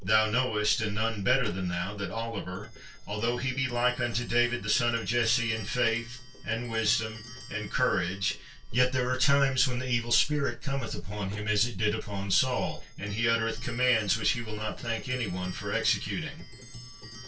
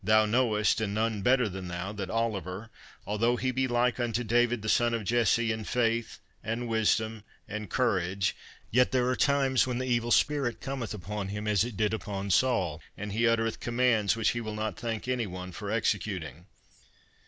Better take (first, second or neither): second